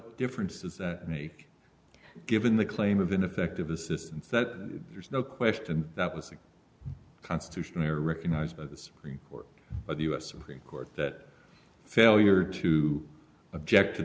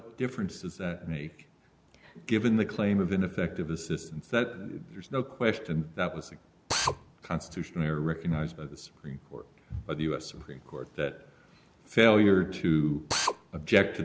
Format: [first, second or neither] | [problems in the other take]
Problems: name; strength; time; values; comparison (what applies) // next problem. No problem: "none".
first | background sound (Drill); 2 dB below the speech